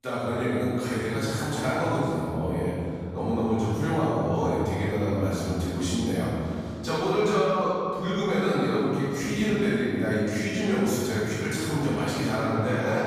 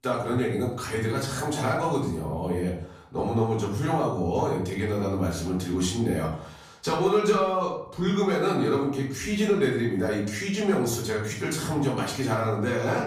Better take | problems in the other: second | room echo; strong; dies away in 2.5 s; slight in the second // off-mic speech; far; far in the second

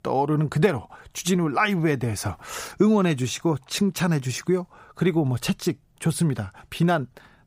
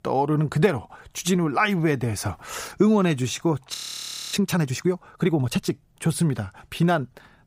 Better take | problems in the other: first | audio freezing; at 3.5 s for 0.5 s

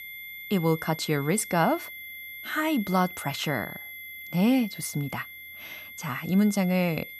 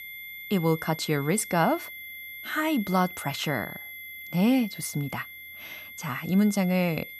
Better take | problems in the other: neither | high-pitched whine; noticeable; throughout; 2 kHz, 10 dB below the speech; the same in both

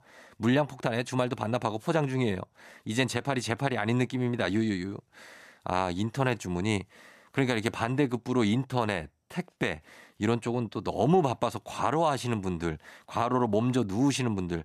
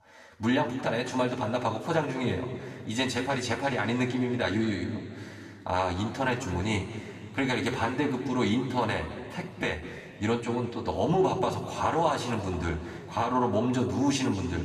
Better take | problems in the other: first | room echo; noticeable; dies away in 2.2 s // off-mic speech; somewhat distant

